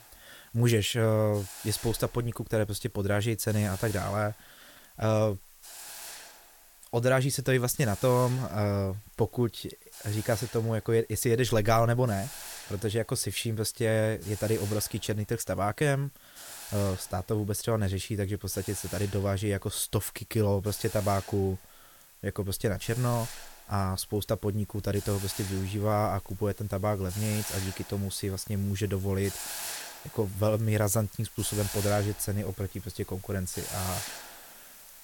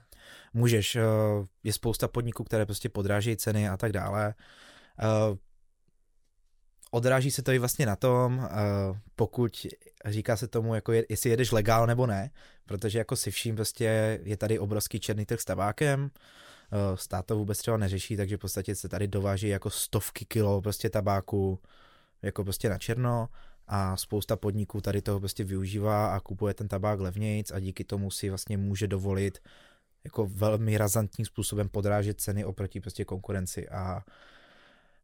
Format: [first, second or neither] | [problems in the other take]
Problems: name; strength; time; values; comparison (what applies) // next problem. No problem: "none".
second | hiss; noticeable; throughout; 10 dB below the speech